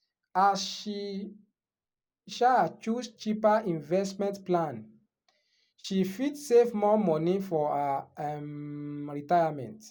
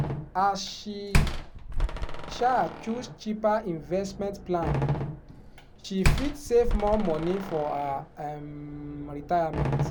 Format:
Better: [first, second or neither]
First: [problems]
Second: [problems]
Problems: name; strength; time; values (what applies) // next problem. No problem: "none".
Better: first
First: none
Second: background sound (Slam); 1 dB below the speech